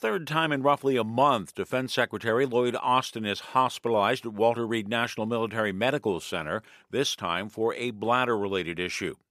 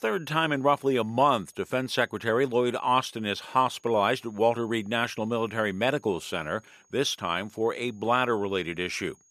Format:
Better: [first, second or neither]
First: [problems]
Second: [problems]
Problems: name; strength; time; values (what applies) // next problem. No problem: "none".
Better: first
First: none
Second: high-pitched whine; faint; throughout; 6.5 kHz, 35 dB below the speech